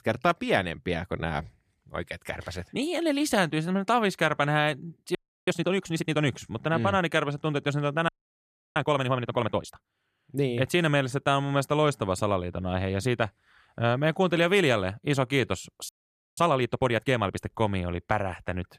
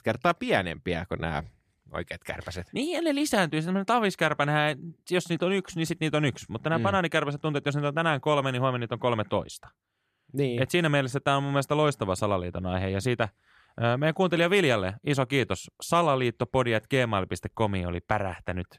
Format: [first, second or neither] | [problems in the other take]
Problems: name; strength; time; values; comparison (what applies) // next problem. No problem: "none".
second | audio freezing; at 5 s, at 8 s for 0.5 s and at 16 s